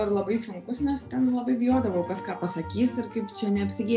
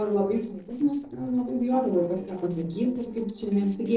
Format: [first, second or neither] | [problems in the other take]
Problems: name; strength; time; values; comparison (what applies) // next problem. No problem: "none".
first | noise reduction (neural separator model SepFormer DNS4)